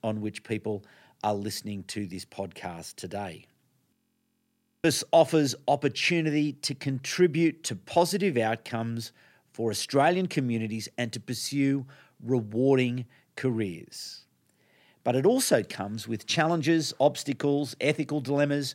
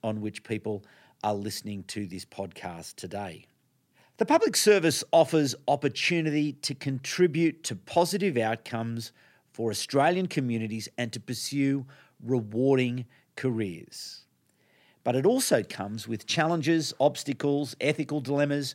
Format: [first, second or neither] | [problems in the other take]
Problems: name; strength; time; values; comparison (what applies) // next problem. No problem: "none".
second | audio freezing; at 4 s for 1 s